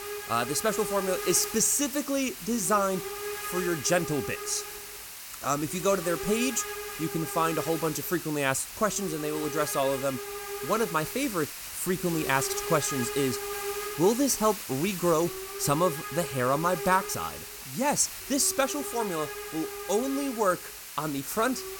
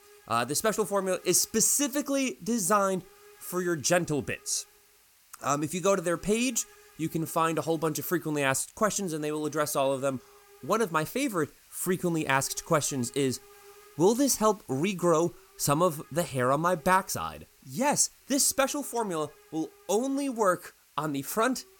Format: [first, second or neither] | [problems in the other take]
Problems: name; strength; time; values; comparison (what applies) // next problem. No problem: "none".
second | hiss; loud; throughout; 7 dB below the speech; faint in the second